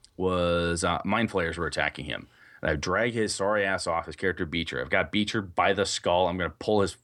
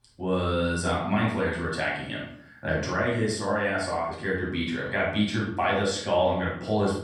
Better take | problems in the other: first | off-mic speech; far // room echo; noticeable; dies away in 0.5 s

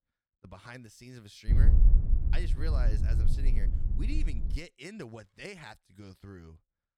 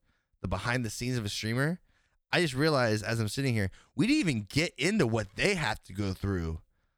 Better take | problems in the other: second | wind noise on the microphone; heavy; from 1.5 to 4.5 s; 2 dB below the speech

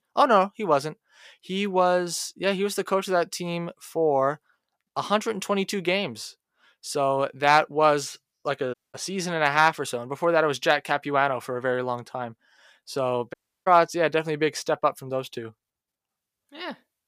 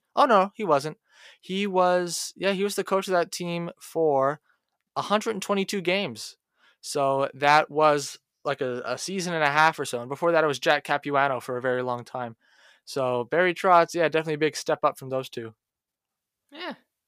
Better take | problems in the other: second | audio cutting out; at 8.5 s and at 13 s

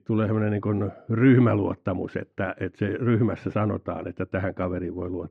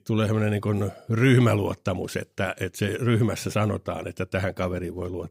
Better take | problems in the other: second | muffled; very; fading above 1.5 kHz

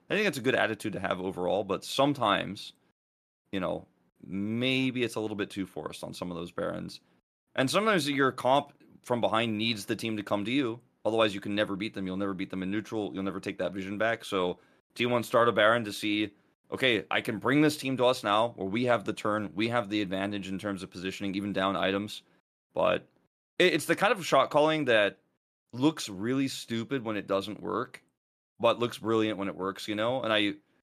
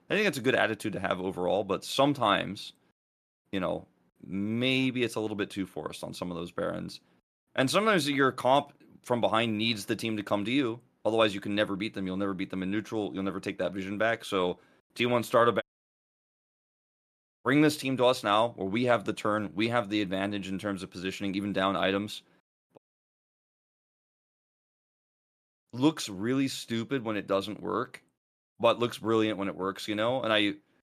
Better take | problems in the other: first | audio cutting out; at 16 s for 2 s and at 23 s for 3 s

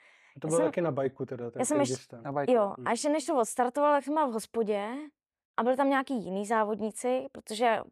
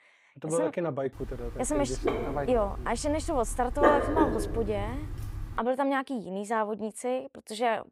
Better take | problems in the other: first | dog barking; loud; from 1 to 5.5 s; peak 5 dB above the speech

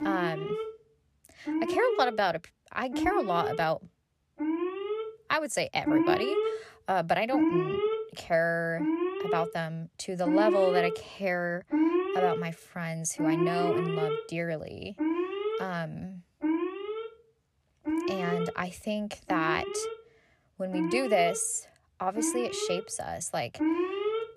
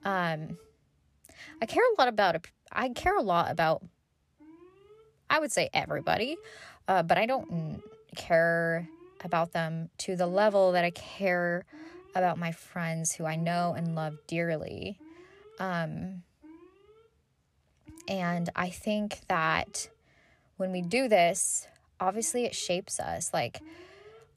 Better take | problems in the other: second | alarms or sirens; loud; throughout; as loud as the speech; faint in the second

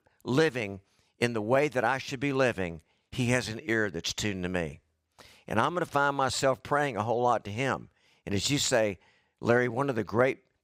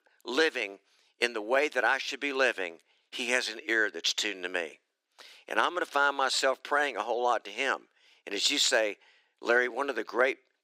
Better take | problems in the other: first | thin; somewhat; fading below 300 Hz

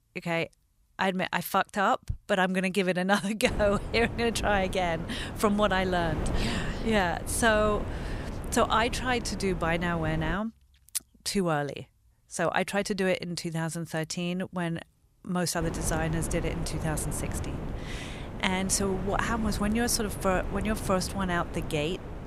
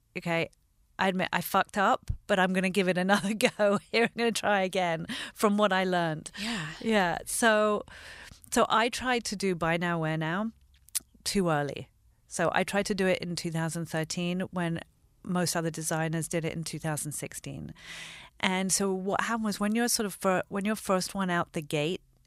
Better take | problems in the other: second | wind noise on the microphone; occasional gusts; from 3.5 to 10 s and from 16 s on; 15 dB below the speech

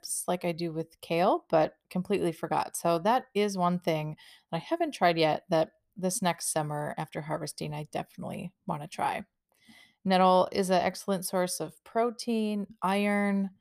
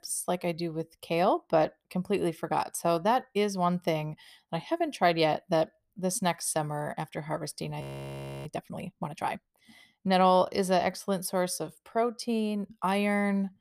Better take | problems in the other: first | audio freezing; at 8 s for 0.5 s

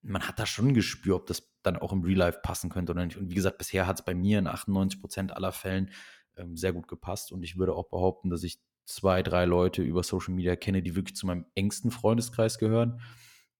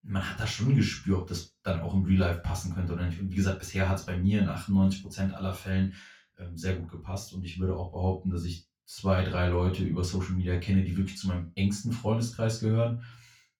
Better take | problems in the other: first | room echo; noticeable; dies away in 0.2 s // off-mic speech; far

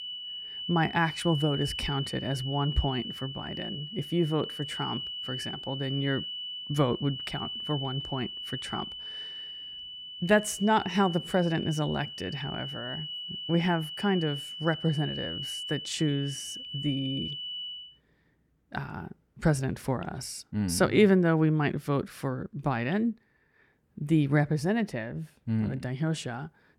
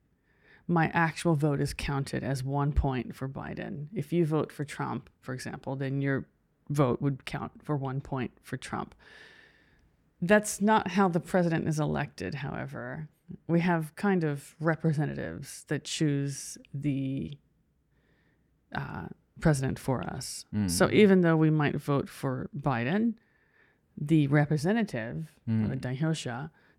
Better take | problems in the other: second | high-pitched whine; loud; until 18 s; 3 kHz, 7 dB below the speech

